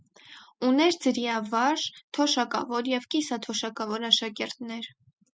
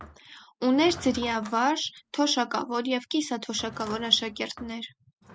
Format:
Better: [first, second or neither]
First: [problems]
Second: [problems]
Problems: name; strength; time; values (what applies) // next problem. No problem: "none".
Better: first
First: none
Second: background sound (Drawer open or close / Wood); 19 dB below the speech